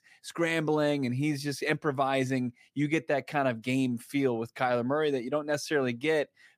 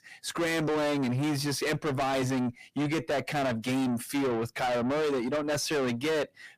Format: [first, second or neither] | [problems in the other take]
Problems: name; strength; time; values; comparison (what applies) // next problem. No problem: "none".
first | distortion; heavy; 6 dB below the speech